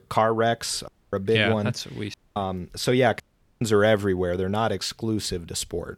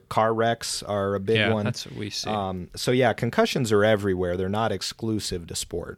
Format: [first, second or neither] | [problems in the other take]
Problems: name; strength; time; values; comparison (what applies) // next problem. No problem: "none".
second | audio cutting out; at 1 s, at 2 s and at 3 s